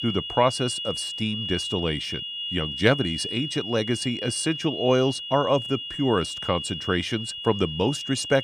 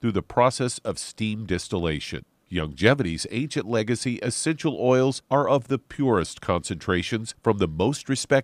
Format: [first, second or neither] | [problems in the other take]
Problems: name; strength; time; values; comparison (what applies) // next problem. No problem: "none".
second | high-pitched whine; loud; throughout; 3 kHz, 5 dB below the speech